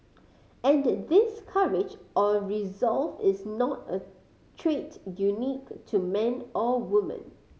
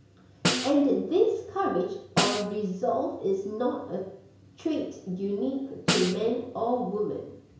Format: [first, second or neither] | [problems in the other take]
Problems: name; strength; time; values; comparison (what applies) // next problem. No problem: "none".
first | background sound (Snare drum); 4 dB below the speech // room echo; dies away in 0.5 s